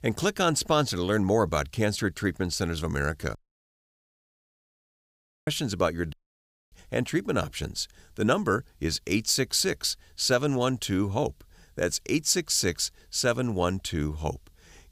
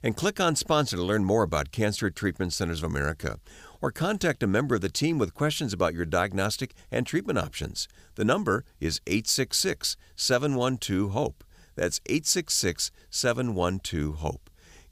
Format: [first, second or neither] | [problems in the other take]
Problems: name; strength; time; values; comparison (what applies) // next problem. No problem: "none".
second | audio cutting out; at 3.5 s for 2 s and at 6 s for 0.5 s